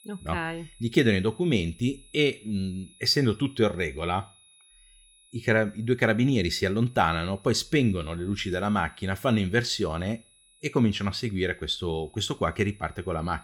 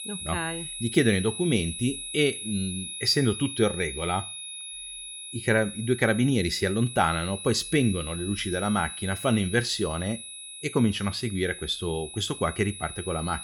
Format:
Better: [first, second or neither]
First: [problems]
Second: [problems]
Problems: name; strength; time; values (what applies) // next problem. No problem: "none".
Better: first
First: high-pitched whine; faint; throughout; 10.5 kHz, 30 dB below the speech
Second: high-pitched whine; loud; throughout; 10.5 kHz, 9 dB below the speech